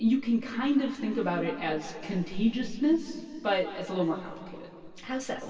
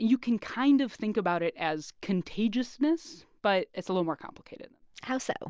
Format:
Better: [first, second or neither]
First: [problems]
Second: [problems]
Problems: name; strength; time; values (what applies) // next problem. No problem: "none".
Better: second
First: room echo; dies away in 2.6 s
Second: none